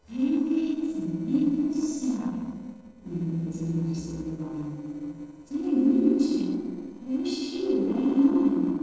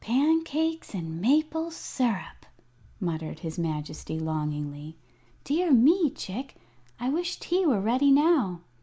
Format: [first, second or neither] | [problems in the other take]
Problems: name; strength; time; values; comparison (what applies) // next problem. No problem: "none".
second | noise reduction (neural separator model SepFormer DNS4)